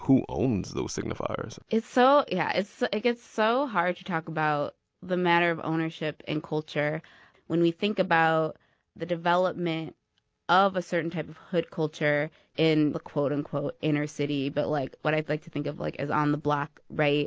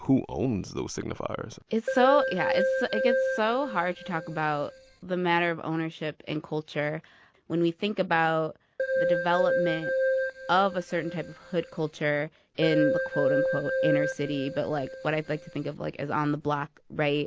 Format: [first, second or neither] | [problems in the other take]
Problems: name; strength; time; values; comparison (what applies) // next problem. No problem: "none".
first | background sound (Keyboard (musical)); 1 dB below the speech